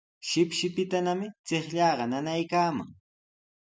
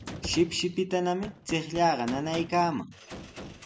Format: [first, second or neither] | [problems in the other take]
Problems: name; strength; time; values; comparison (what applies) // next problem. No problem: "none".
first | background sound (Gunshot, gunfire + Slam / Wood); 13 dB below the speech